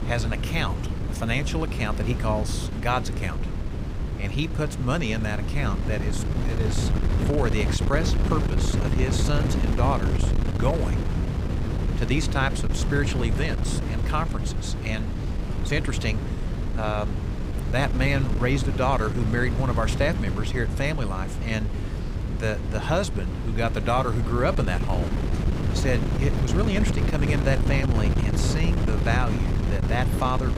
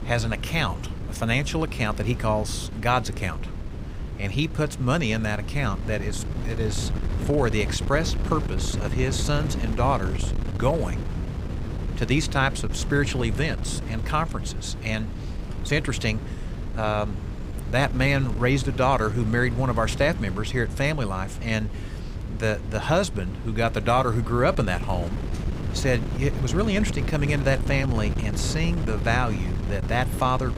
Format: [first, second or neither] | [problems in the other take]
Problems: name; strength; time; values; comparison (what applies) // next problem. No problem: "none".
second | wind noise on the microphone; heavy; 6 dB below the speech; occasional gusts in the second